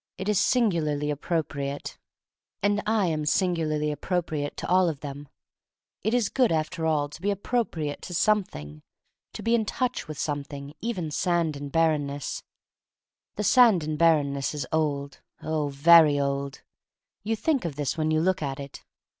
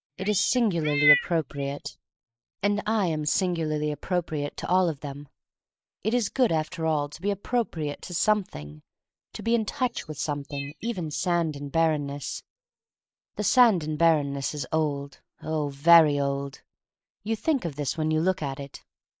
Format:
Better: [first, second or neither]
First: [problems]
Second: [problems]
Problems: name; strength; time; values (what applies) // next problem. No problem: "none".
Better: first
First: none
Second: noise reduction (neural mask model Resemble Enhance denoiser)